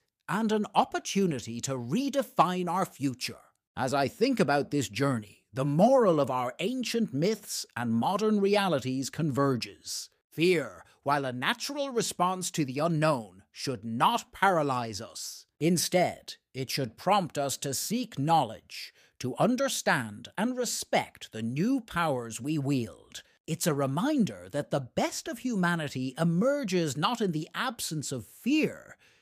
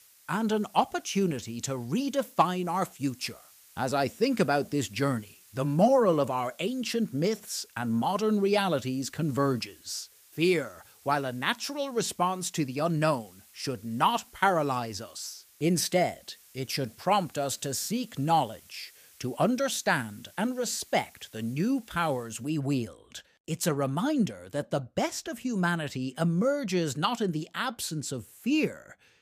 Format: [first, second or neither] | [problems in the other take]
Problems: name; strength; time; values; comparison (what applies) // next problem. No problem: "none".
first | hiss; faint; until 22 s; 25 dB below the speech